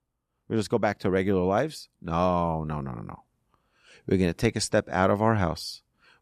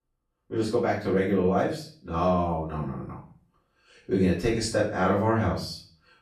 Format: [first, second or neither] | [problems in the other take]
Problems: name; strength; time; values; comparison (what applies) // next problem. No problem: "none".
first | off-mic speech; far // room echo; noticeable; dies away in 0.4 s